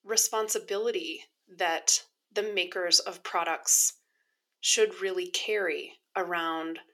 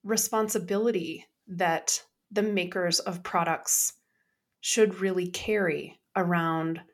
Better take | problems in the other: second | thin; very; fading below 350 Hz

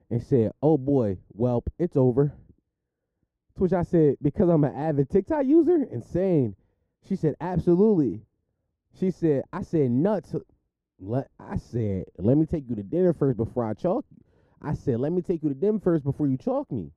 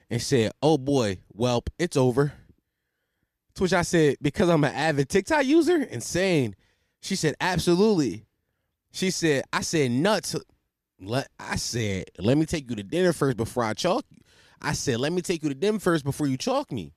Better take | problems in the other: second | muffled; very; fading above 1.5 kHz

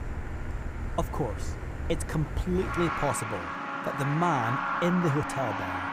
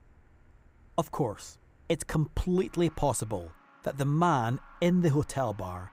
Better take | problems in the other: second | traffic noise; loud; throughout; 3 dB below the speech; faint in the second

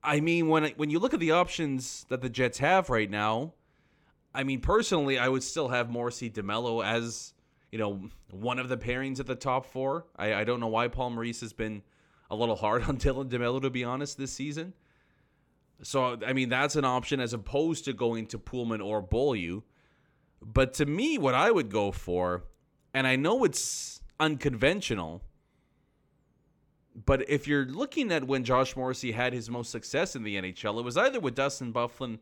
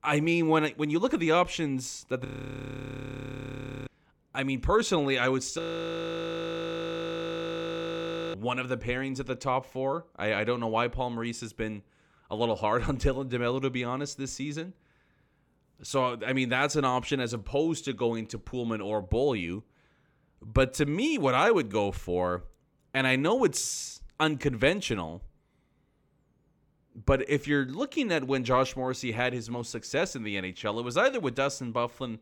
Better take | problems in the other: first | audio freezing; at 2.5 s for 1.5 s and at 5.5 s for 3 s

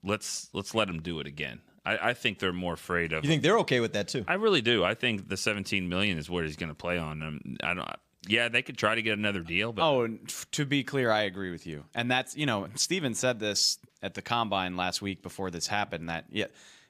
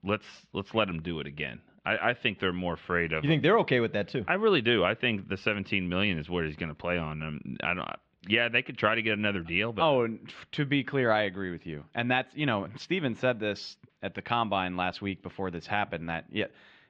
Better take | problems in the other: first | muffled; very; fading above 3 kHz

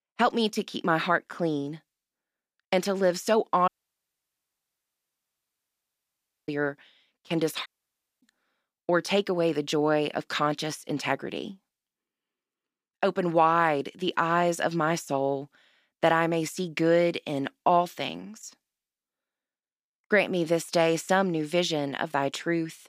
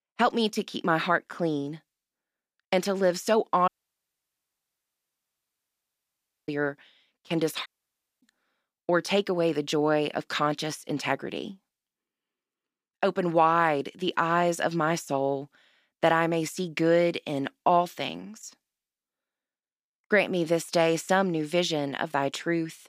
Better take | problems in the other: neither | audio cutting out; at 3.5 s for 3 s and at 7.5 s for 0.5 s; the same in both

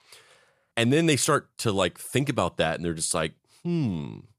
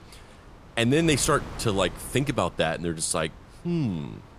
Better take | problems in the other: first | wind noise on the microphone; occasional gusts; 20 dB below the speech

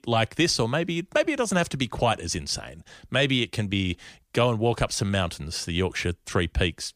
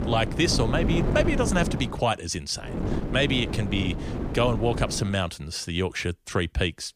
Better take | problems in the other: first | wind noise on the microphone; heavy; until 2 s and from 2.5 to 5 s; 8 dB below the speech

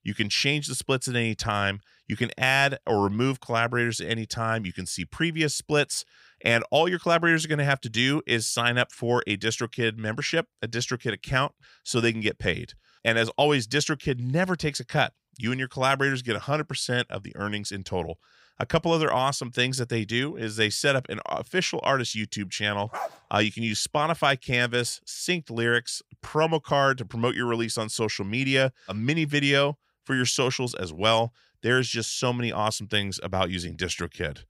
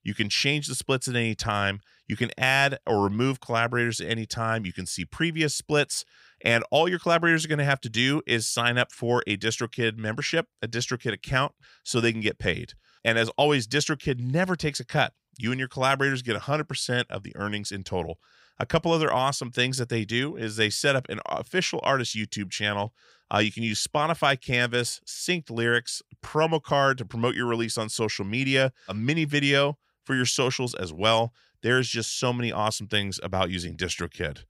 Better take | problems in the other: second | dog barking; noticeable; at 23 s; peak 9 dB below the speech

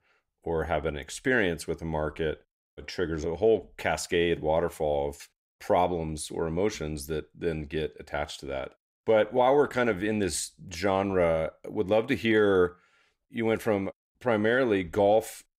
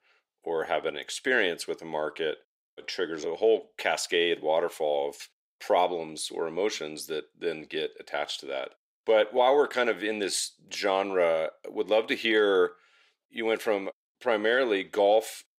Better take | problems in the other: first | thin; somewhat; fading below 400 Hz

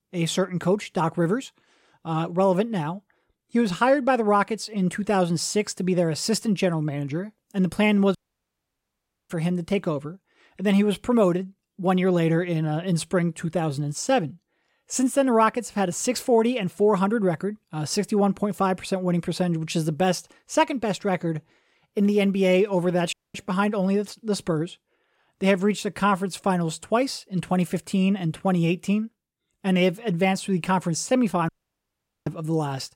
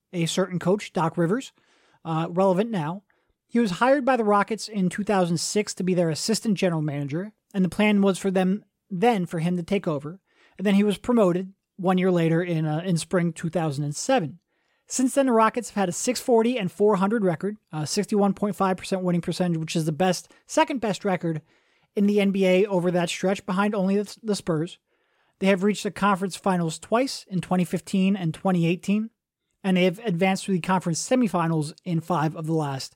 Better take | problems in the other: second | audio cutting out; at 8 s for 1 s, at 23 s and at 31 s for 1 s

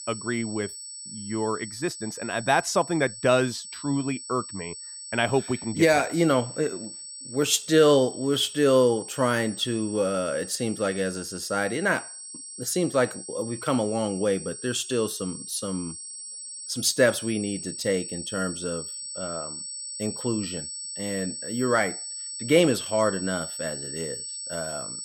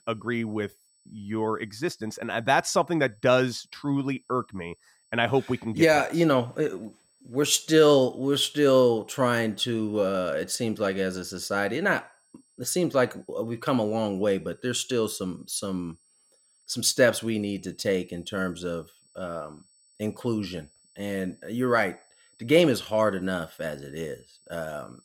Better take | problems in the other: second | high-pitched whine; loud; throughout; 8 kHz, 9 dB below the speech; faint in the second

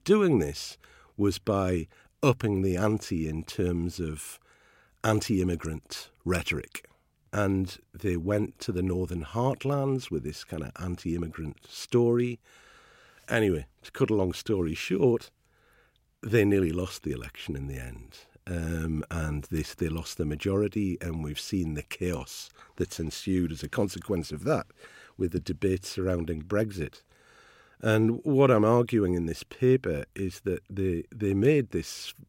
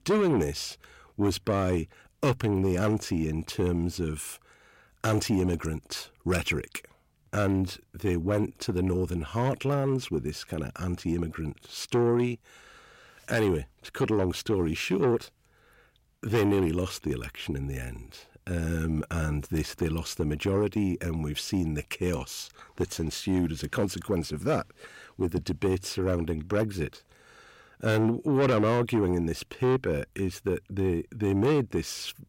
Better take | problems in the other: first | distortion; slight; 10 dB below the speech

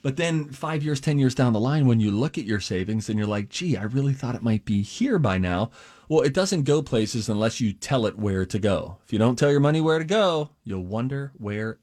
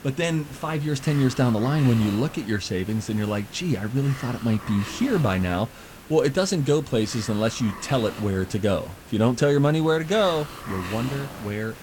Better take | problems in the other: first | hiss; noticeable; throughout; 15 dB below the speech

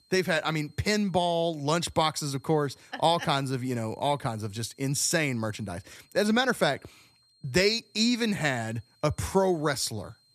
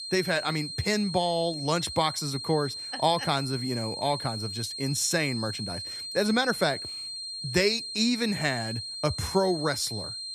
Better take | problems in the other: first | high-pitched whine; loud; throughout; 4 kHz, 6 dB below the speech; faint in the first

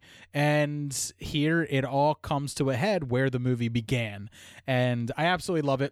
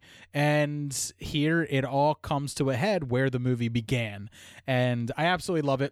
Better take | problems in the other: neither | none

